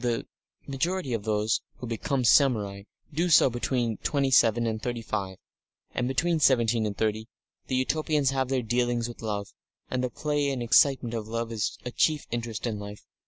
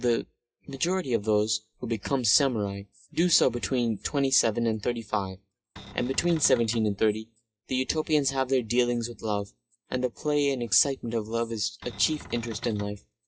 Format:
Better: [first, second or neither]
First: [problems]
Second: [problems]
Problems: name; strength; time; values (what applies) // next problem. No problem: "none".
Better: first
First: none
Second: noise reduction (classical method WPE with log-MMSE)